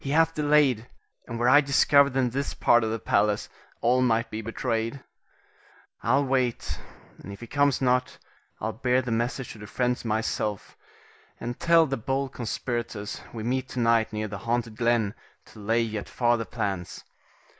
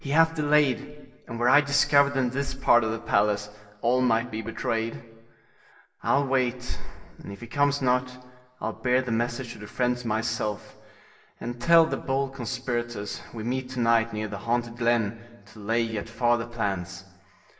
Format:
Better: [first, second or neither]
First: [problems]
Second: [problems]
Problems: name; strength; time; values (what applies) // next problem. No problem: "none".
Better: first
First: none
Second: room echo; dies away in 0.9 s